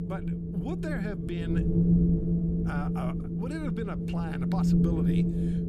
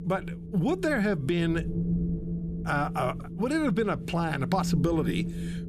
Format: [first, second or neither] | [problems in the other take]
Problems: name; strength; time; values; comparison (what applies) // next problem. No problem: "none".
second | wind noise on the microphone; heavy; 3 dB above the speech; occasional gusts in the second